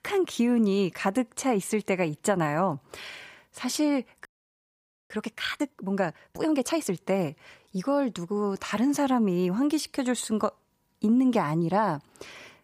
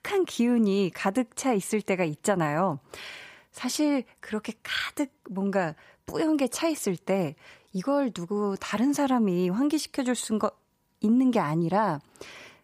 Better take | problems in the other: second | audio freezing; at 4.5 s for 1 s

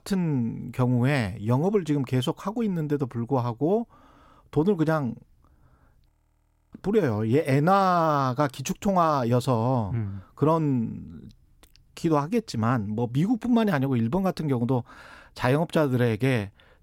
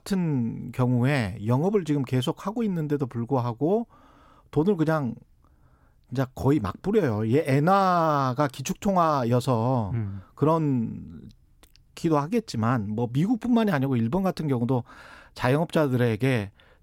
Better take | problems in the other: second | audio freezing; at 6 s for 0.5 s

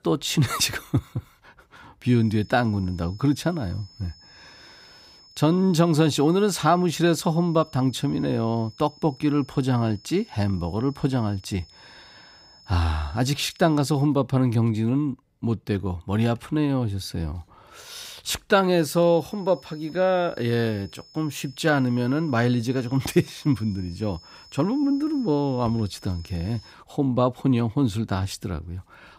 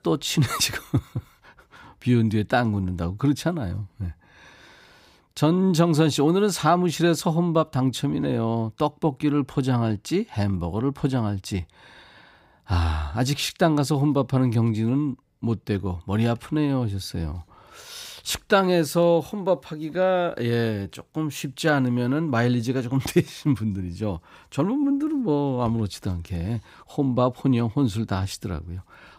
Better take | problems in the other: second | high-pitched whine; faint; from 2 to 14 s and from 19 to 27 s; 5 kHz, 25 dB below the speech

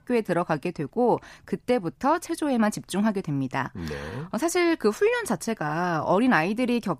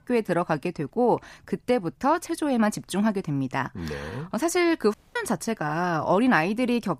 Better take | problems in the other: first | audio cutting out; at 5 s

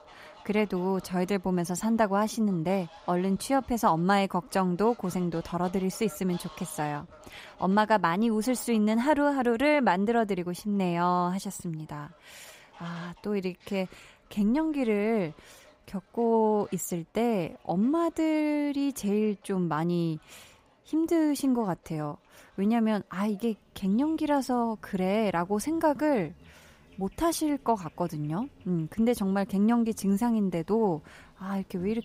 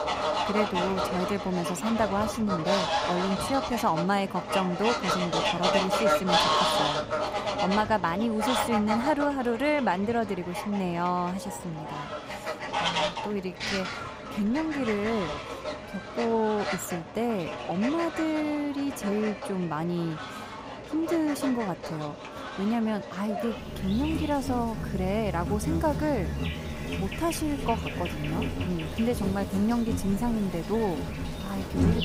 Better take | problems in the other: first | animal sounds; loud; throughout; 2 dB below the speech; faint in the first

